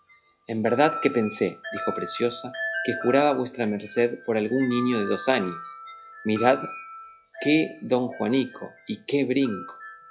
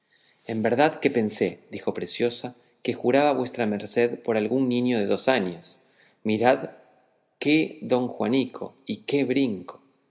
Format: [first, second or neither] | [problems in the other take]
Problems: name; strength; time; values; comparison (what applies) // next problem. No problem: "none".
second | noise reduction (classical method log-MMSE)